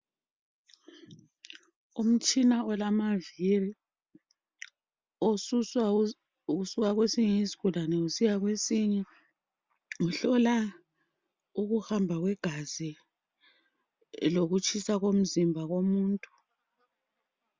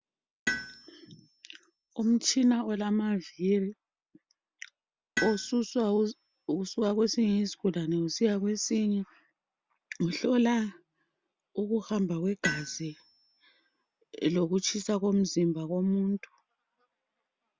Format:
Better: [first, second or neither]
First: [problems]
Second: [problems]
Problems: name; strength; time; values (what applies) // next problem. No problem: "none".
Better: first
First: none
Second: background sound (Tools); 12 dB below the speech